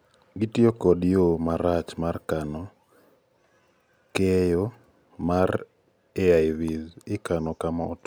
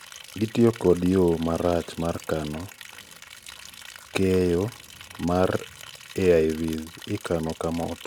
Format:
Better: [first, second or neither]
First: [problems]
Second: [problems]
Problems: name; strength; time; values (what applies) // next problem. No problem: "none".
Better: first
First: none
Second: background sound (Liquid); 18 dB below the speech